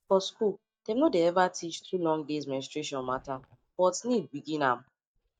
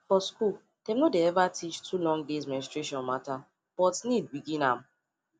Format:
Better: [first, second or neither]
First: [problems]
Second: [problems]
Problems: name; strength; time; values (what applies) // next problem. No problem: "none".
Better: second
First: noise reduction (neural mask model DeepFilterNet 3)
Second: none